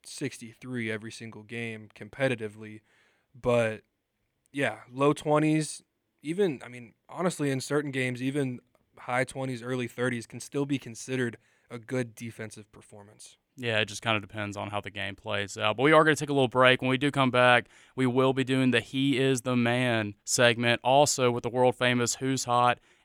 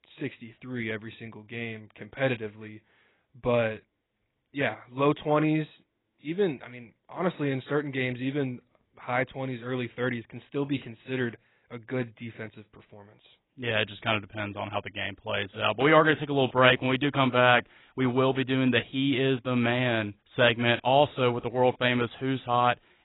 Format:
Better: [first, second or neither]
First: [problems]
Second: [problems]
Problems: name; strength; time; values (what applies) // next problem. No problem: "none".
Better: first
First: none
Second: garbled, watery; badly; nothing above 3.5 kHz